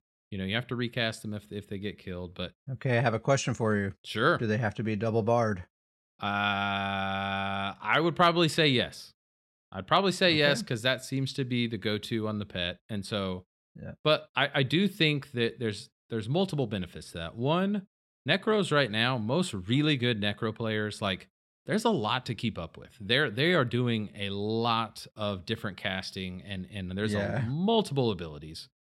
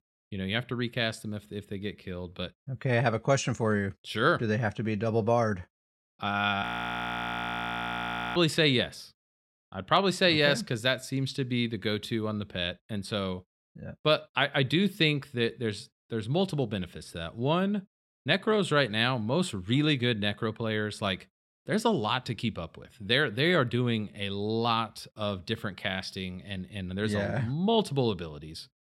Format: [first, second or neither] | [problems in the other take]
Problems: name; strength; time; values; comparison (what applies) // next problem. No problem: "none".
first | audio freezing; at 6.5 s for 1.5 s